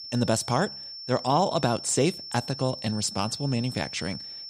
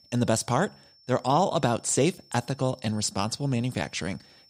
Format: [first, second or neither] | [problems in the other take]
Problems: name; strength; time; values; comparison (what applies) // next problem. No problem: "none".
second | high-pitched whine; loud; throughout; 5.5 kHz, 10 dB below the speech; faint in the second